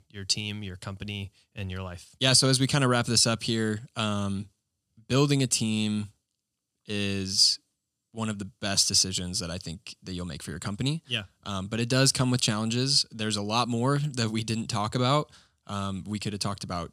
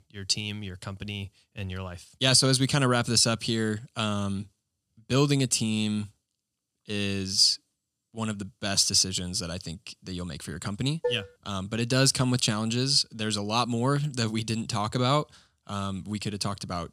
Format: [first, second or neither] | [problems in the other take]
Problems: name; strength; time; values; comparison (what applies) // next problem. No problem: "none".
first | clattering dishes; noticeable; at 11 s; peak 6 dB below the speech